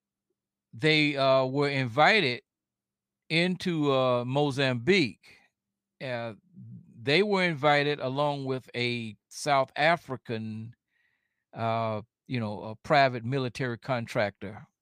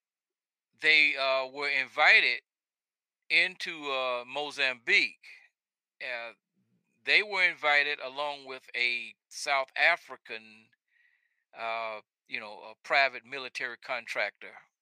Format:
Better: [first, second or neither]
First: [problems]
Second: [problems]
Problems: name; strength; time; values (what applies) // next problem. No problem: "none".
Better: first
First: none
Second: thin; very; fading below 650 Hz